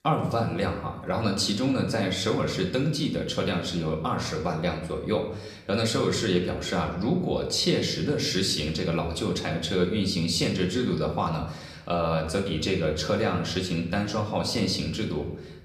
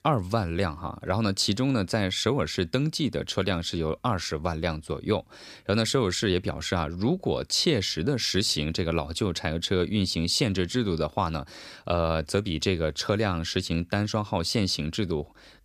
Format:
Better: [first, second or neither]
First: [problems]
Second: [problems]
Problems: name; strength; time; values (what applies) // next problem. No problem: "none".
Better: second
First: room echo; slight; dies away in 0.7 s // off-mic speech; somewhat distant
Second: none